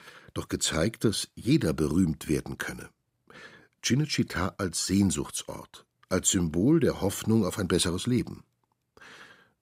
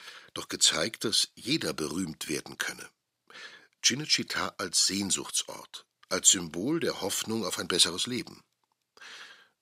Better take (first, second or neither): first